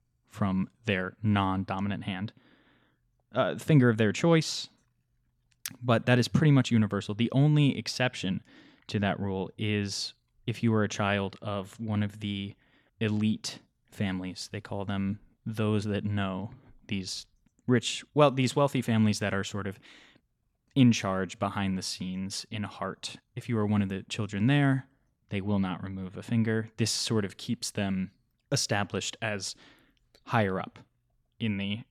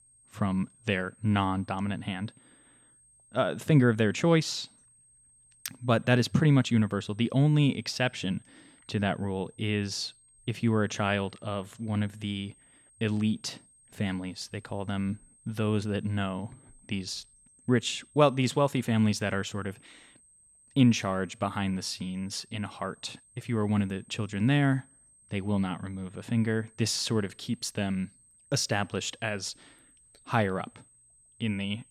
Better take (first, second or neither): first